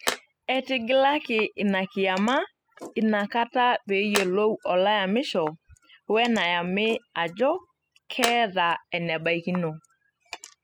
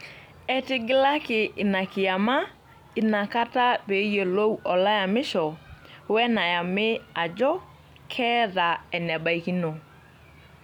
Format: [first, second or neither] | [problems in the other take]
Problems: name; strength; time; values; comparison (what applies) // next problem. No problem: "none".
second | noise reduction (classical method spectral subtraction)